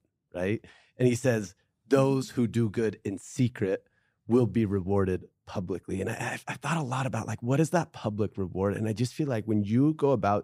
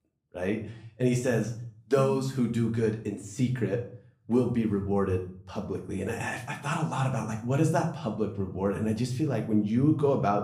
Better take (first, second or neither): first